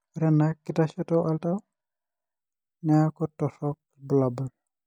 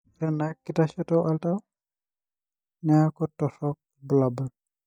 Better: first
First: none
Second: noise reduction (neural mask model DeepFilterNet 3)

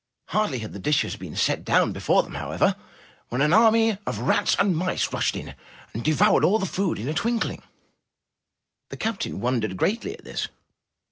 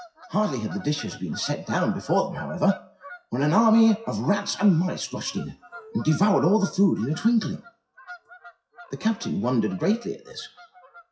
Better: first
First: none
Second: noise reduction (classical method WPE with log-MMSE)

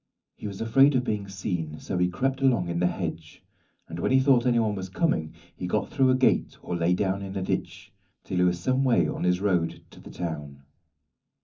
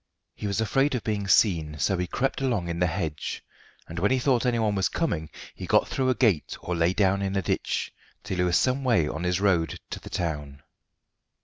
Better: second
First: room echo; dies away in 0.3 s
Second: none

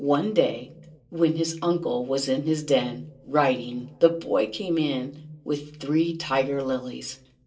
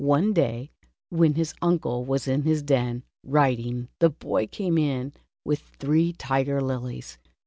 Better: second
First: room echo; dies away in 0.2 s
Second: none

